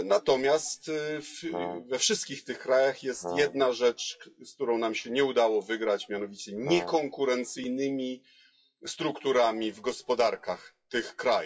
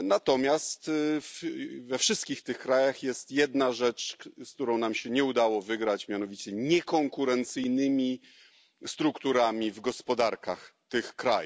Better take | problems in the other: second | noise reduction (classical method WPE with log-MMSE)

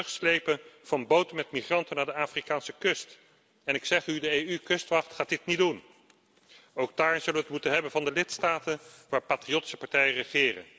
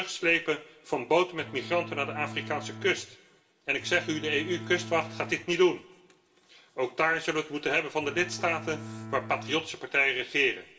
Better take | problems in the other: first | background sound (Bowed string instrument); 12 dB below the speech // room echo; dies away in 0.4 s

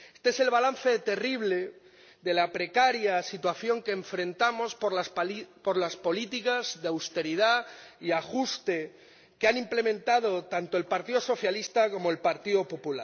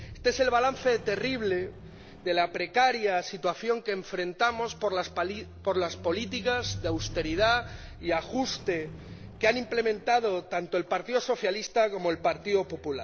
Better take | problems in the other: first | background sound (Squeak); 16 dB below the speech

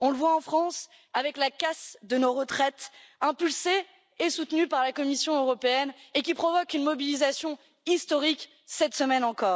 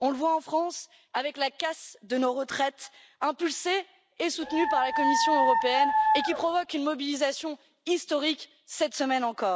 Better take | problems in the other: first | background sound (Dog); 3 dB above the speech

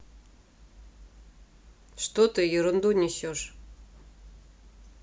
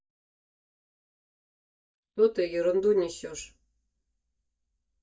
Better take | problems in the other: first | noise reduction (neural mask model DeepFilterNet 3)

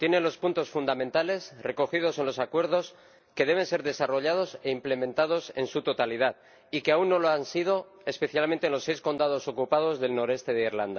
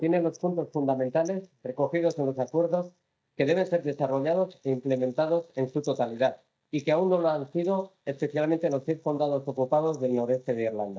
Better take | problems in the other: first | noise reduction (neural mask model DeepFilterNet 3)

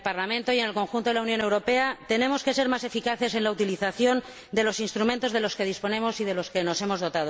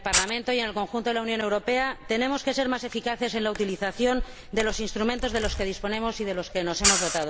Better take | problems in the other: first | background sound (Camera); 5 dB below the speech

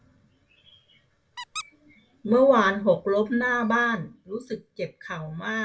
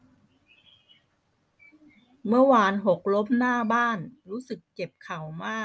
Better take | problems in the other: second | background sound (Squeak); 18 dB below the speech // room echo; dies away in 0.2 s

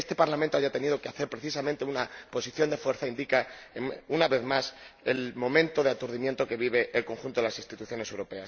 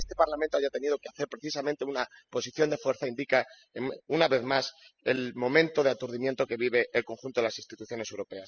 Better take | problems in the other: first | noise reduction (classical method spectral subtraction)

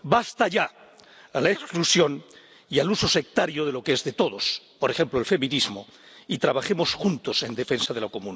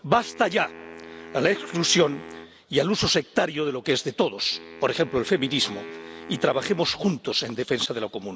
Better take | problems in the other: first | background sound (Wind instrument, woodwind instrument); 18 dB below the speech

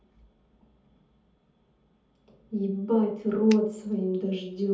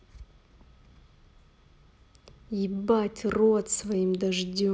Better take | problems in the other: second | background sound (Finger snapping); 14 dB below the speech // room echo; dies away in 0.6 s

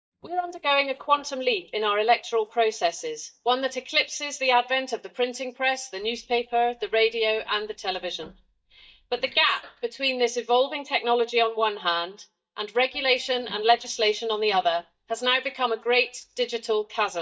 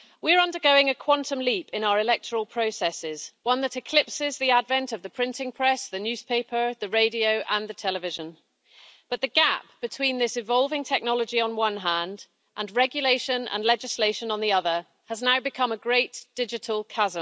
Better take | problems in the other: second | noise reduction (neural mask model DeepFilterNet 3)

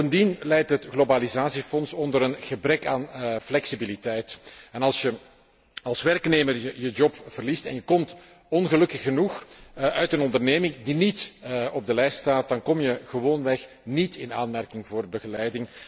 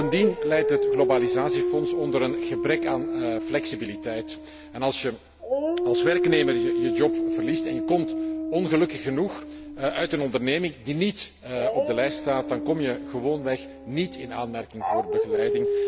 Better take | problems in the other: first | background sound (Dog); as loud as the speech

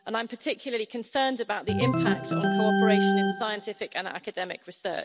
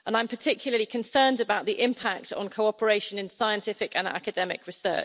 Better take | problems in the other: second | background sound (Organ); 3 dB above the speech

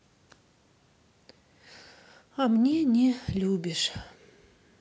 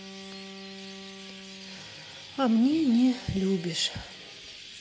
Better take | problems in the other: first | background sound (Bowed string instrument + Chirp, tweet); 15 dB below the speech

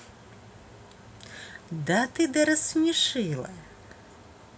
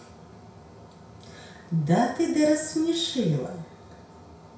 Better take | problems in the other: first | room echo; dies away in 0.6 s

